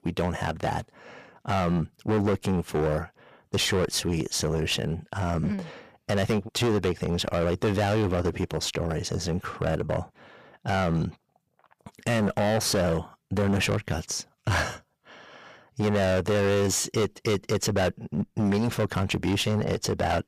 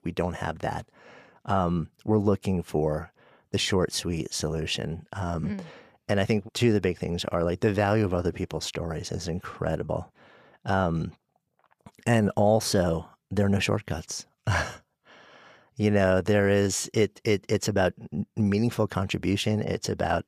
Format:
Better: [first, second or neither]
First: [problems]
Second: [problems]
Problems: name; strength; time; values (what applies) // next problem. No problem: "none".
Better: second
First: distortion; heavy; 16% of the sound clipped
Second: none